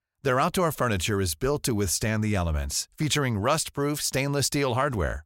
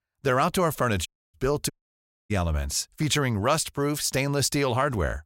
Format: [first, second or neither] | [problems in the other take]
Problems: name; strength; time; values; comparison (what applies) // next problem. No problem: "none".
first | audio cutting out; at 1 s and at 1.5 s for 0.5 s